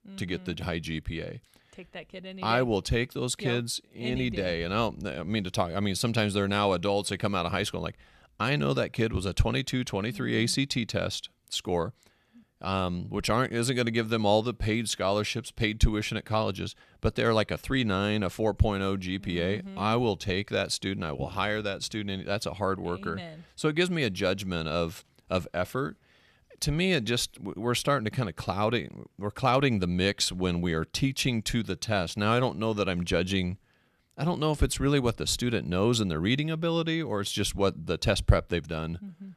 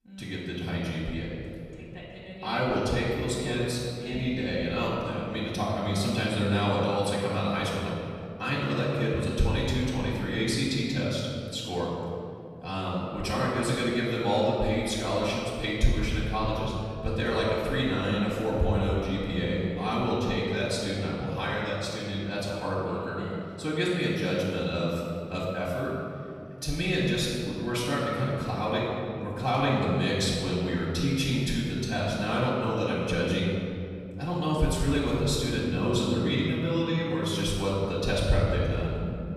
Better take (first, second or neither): first